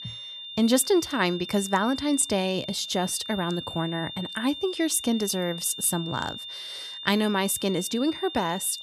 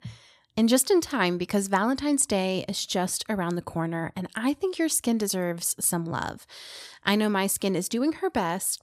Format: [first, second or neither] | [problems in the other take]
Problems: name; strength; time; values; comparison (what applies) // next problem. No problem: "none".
second | high-pitched whine; loud; throughout; 3.5 kHz, 10 dB below the speech